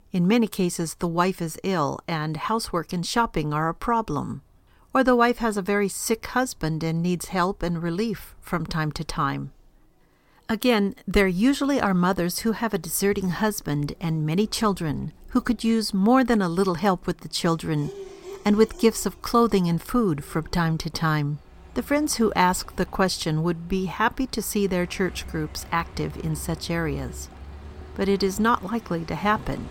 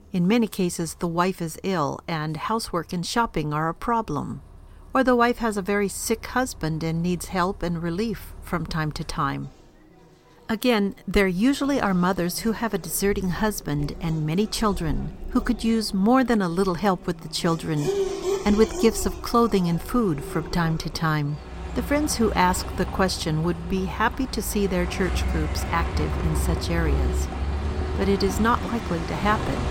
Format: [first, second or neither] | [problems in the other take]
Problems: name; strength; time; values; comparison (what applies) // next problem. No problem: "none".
first | traffic noise; loud; throughout; 7 dB below the speech; faint in the first